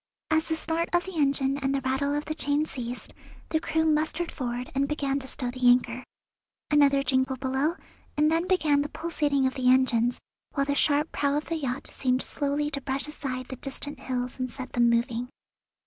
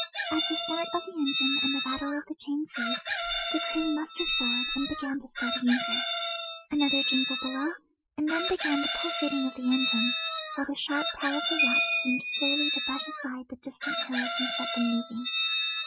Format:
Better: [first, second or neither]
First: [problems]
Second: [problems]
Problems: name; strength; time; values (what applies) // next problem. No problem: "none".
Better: first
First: none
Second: noise reduction (classical method Wiener filter)